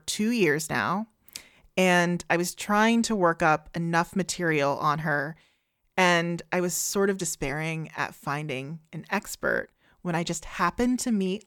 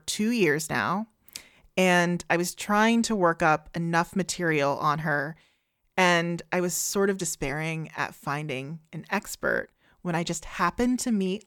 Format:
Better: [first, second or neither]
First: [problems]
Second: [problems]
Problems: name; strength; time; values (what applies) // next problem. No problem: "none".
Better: neither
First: none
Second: none